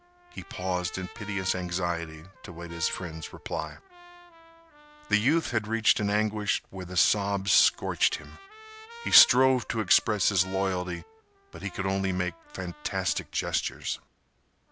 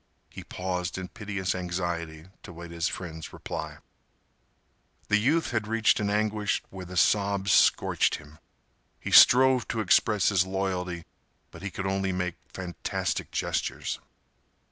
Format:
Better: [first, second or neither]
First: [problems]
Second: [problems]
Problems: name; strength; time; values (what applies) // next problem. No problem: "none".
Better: second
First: background sound (Trumpet); 20 dB below the speech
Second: none